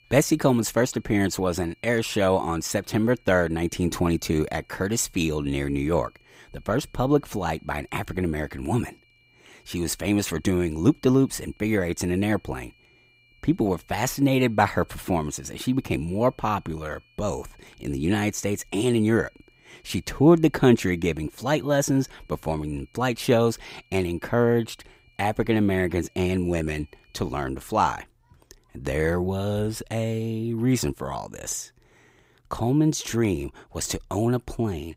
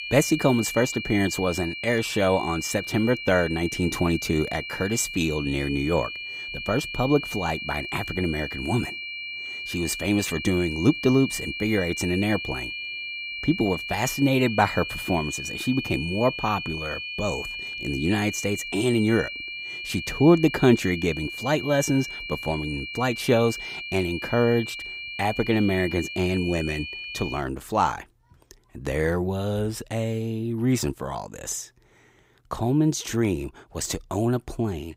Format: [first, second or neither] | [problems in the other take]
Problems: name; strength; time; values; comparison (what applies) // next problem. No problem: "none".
first | high-pitched whine; loud; until 27 s; 2.5 kHz, 7 dB below the speech; faint in the first